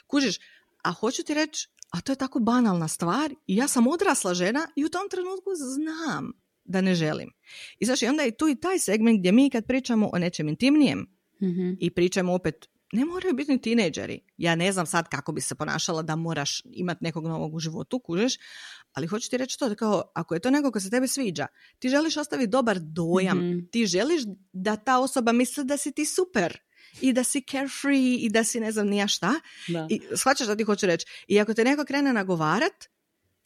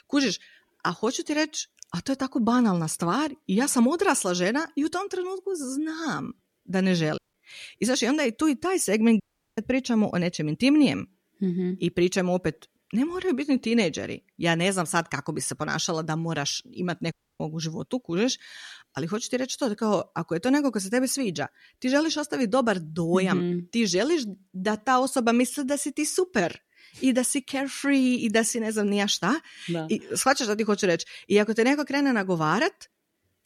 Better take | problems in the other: first | audio cutting out; at 7 s, at 9 s and at 17 s

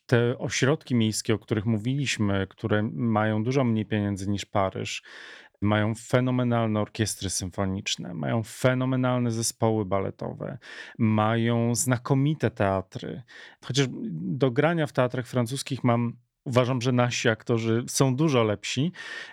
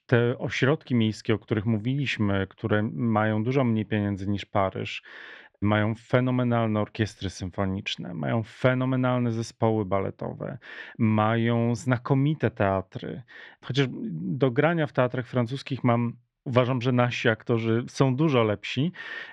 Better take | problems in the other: first | muffled; slightly; fading above 2.5 kHz

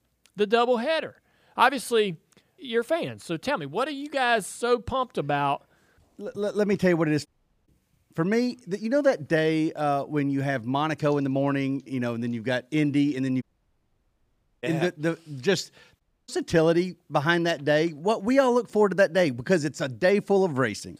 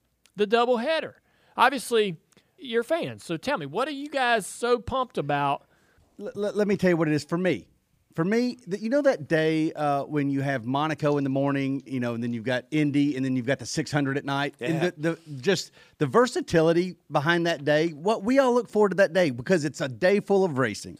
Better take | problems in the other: second | audio cutting out; at 7.5 s, at 13 s for 1 s and at 16 s

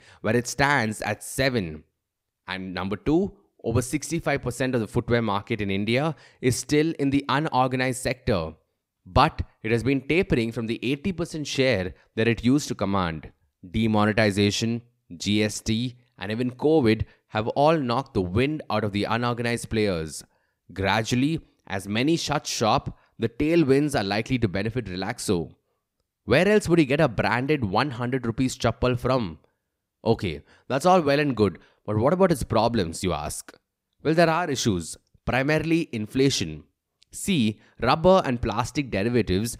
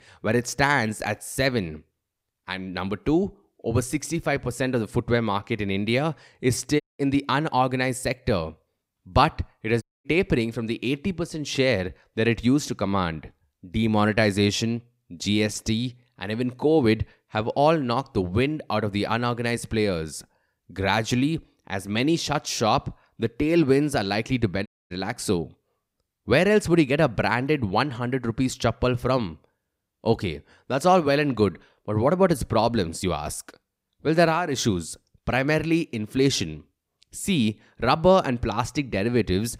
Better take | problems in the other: first | audio cutting out; at 7 s, at 10 s and at 25 s

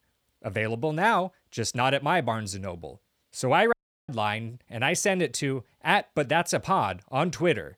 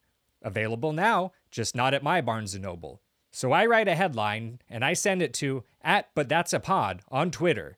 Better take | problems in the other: second | audio cutting out; at 3.5 s

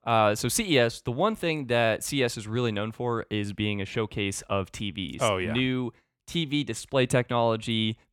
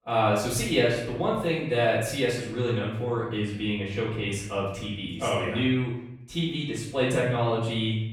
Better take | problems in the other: first | off-mic speech; far // room echo; noticeable; dies away in 0.7 s

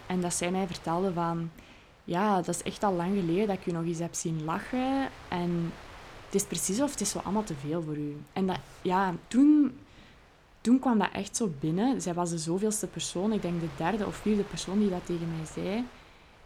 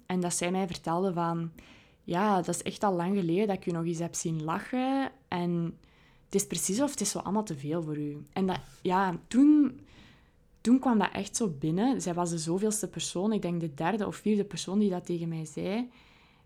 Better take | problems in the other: second | wind noise on the microphone; occasional gusts; 20 dB below the speech

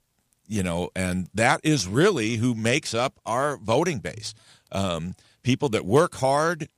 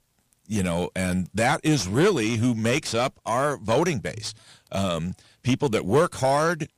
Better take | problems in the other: first | distortion; slight; 10 dB below the speech

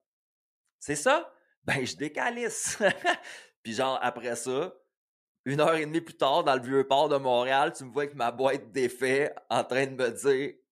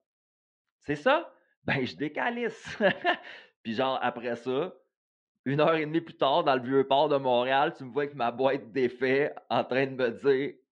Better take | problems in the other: first | muffled; slightly; fading above 3.5 kHz

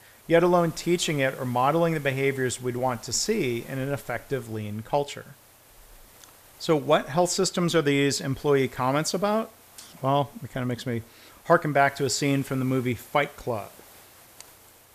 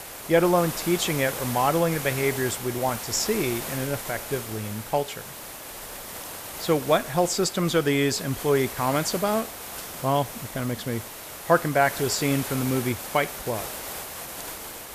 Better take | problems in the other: first | hiss; loud; throughout; 8 dB below the speech; faint in the first

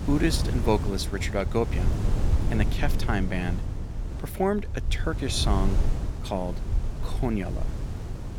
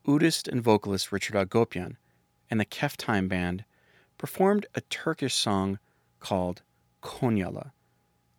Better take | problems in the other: second | wind noise on the microphone; occasional gusts; 10 dB below the speech

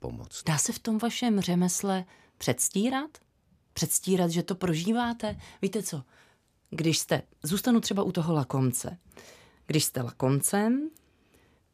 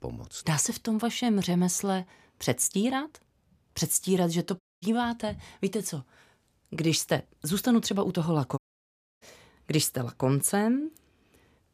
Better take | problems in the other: first | audio cutting out; at 4.5 s and at 8.5 s for 0.5 s

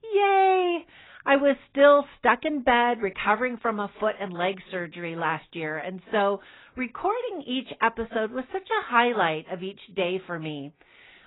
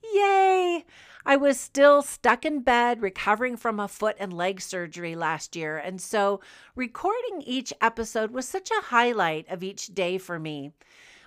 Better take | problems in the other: second | garbled, watery; badly; nothing above 4 kHz

